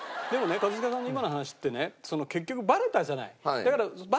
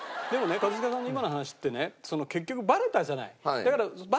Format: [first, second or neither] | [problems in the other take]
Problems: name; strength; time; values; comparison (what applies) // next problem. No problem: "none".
first | background sound (Bowed string instrument); 17 dB below the speech